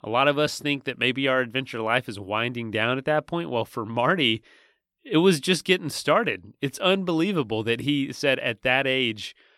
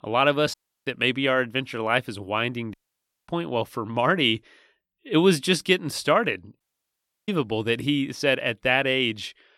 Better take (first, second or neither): first